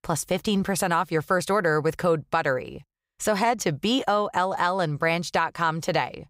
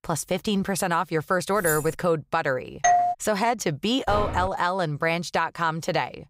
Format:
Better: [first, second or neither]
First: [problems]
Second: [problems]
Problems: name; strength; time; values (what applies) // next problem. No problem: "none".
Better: first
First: none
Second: jangling keys; noticeable; at 1.5 s; peak 5 dB below the speech // doorbell; loud; at 3 s; peak 4 dB above the speech // door banging; noticeable; at 4 s; peak 5 dB below the speech